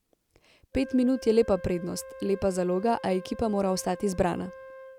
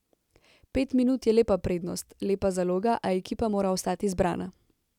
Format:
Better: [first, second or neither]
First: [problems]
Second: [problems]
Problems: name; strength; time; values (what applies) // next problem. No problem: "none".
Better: second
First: background sound (Wind instrument, woodwind instrument); 17 dB below the speech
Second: none